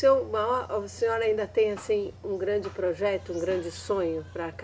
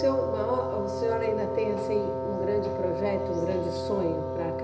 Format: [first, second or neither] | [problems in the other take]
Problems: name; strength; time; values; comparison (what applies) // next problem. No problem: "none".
first | background sound (Wind instrument, woodwind instrument); 2 dB below the speech // room echo; dies away in 0.9 s